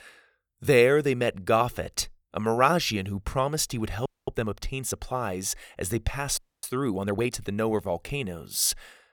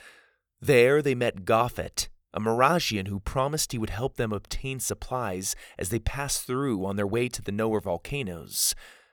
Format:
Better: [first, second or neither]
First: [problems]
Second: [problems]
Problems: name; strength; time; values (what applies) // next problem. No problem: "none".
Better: second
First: audio freezing; at 4 s and at 6.5 s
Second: none